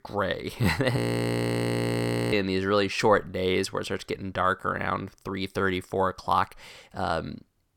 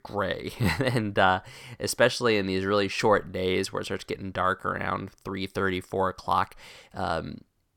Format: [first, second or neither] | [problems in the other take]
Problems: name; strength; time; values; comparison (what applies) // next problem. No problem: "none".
second | audio freezing; at 1 s for 1.5 s